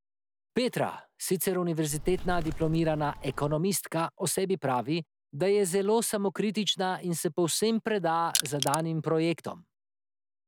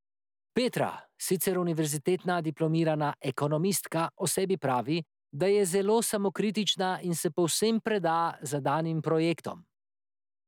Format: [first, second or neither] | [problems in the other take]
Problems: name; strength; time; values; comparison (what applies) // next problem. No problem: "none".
second | background sound (Bird + Crushing); 6 dB below the speech